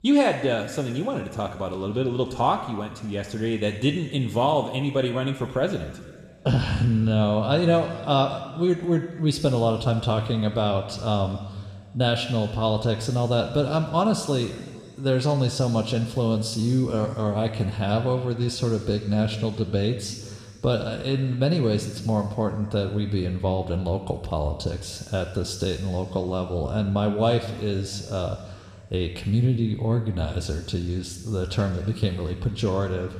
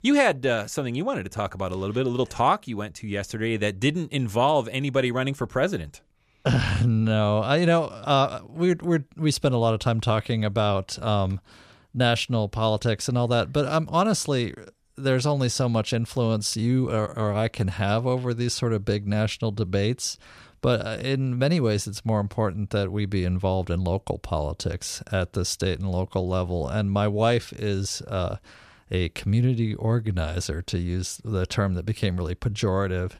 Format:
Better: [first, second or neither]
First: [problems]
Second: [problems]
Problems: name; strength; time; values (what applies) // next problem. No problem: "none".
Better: second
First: room echo; noticeable; dies away in 1.8 s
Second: none